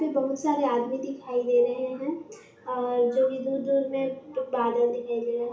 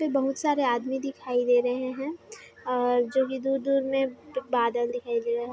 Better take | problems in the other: second | room echo; dies away in 0.8 s

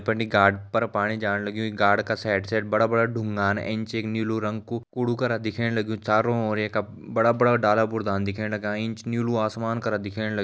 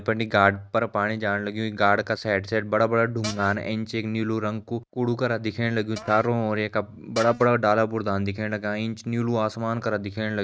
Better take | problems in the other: first | noise reduction (neural mask model RNNoise)

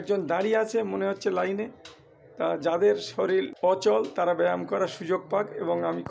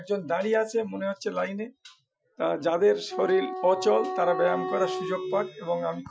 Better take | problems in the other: first | noise reduction (classical method Wiener filter)

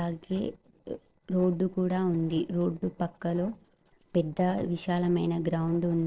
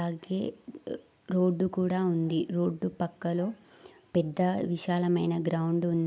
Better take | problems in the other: second | noise reduction (neural separator model SepFormer DNS4)

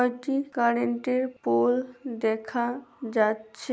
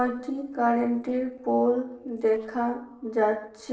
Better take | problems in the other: first | noise reduction (neural separator model SepFormer DNS4)

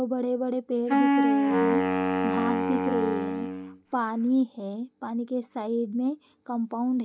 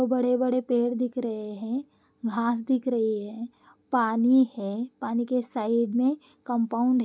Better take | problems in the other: second | background sound (Wind instrument, woodwind instrument); 4 dB above the speech

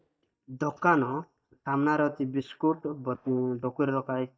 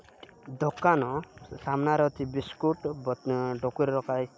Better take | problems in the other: second | noise reduction (neural mask model DeepFilterNet 3)

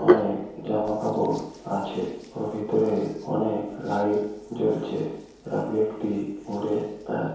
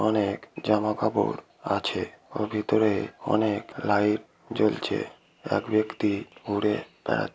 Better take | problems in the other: second | background sound (Hands); 5 dB below the speech // room echo; dies away in 1 s

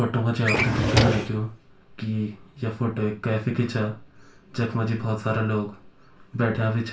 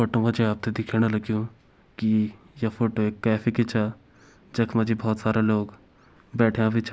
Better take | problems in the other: second | background sound (Drawer open or close); 2 dB above the speech // room echo; dies away in 0.3 s

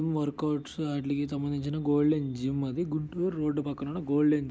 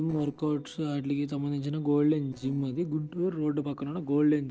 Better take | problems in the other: first | noise reduction (neural separator model SepFormer DNS4)

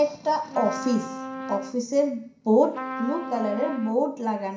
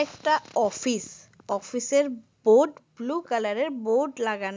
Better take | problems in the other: second | background sound (Trumpet); 10 dB below the speech // room echo; dies away in 0.5 s

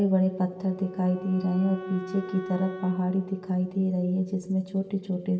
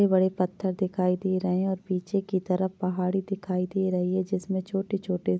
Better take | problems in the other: second | background sound (Wind instrument, woodwind instrument); 13 dB below the speech // room echo; dies away in 0.9 s

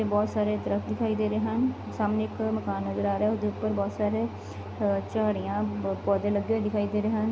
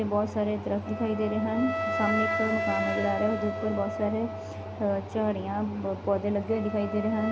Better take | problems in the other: first | background sound (Wind instrument, woodwind instrument); 5 dB below the speech

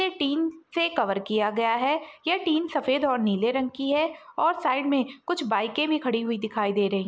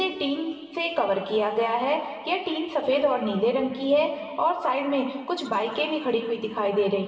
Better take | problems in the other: first | room echo; dies away in 2.1 s

